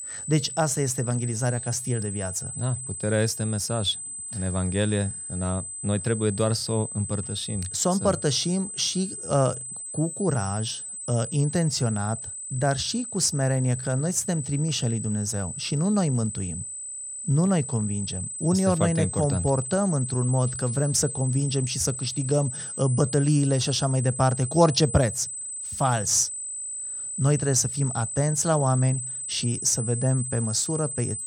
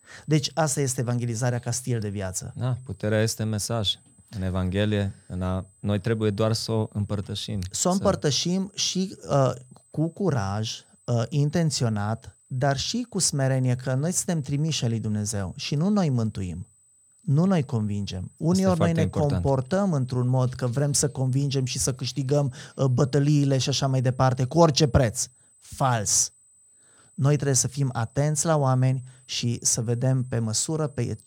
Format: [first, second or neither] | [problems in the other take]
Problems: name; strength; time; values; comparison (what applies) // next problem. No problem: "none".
second | high-pitched whine; loud; throughout; 8 kHz, 6 dB below the speech; faint in the second